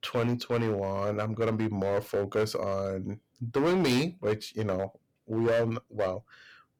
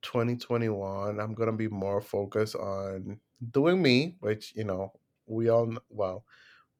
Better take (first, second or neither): second